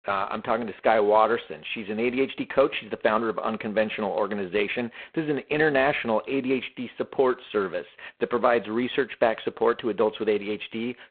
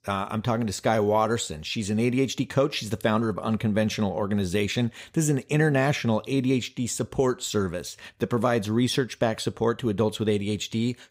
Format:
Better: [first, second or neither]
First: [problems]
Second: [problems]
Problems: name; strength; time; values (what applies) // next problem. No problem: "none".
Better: second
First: phone-call audio; poor line; nothing above 3.5 kHz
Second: none